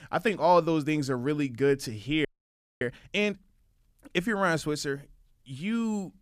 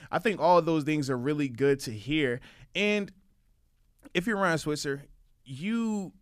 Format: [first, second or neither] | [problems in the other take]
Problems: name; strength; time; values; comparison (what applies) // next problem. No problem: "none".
second | audio freezing; at 2.5 s for 0.5 s